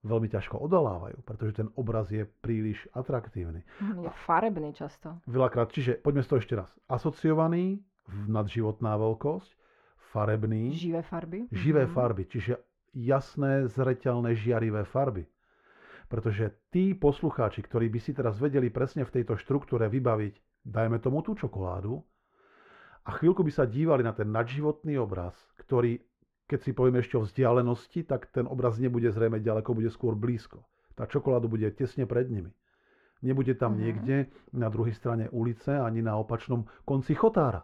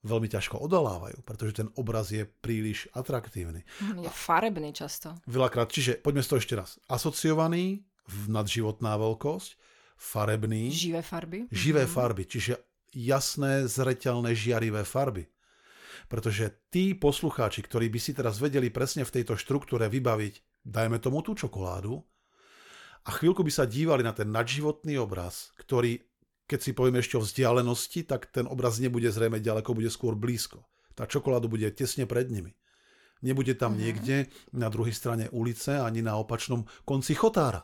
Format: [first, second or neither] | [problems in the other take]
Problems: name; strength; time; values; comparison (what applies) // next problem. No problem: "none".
second | muffled; very; fading above 4 kHz